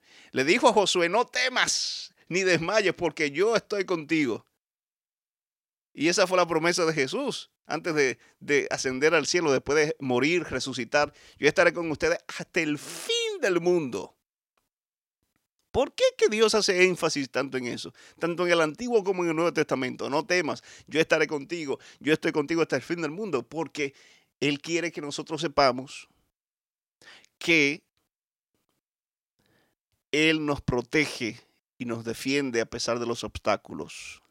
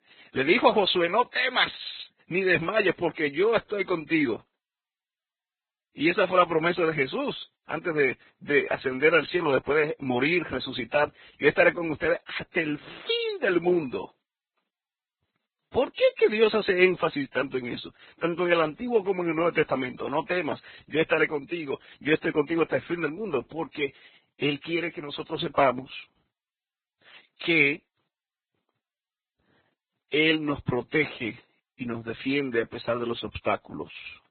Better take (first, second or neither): first